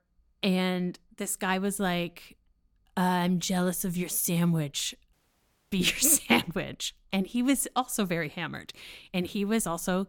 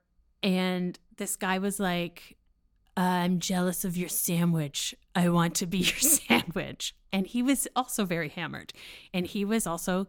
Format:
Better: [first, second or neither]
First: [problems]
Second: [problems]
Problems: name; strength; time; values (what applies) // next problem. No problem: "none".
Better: second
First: audio cutting out; at 5 s for 0.5 s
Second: none